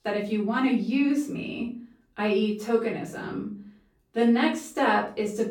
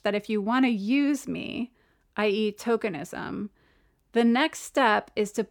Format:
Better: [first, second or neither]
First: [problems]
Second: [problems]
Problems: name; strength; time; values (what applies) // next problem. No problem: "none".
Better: second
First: off-mic speech; far // room echo; slight; dies away in 0.3 s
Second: none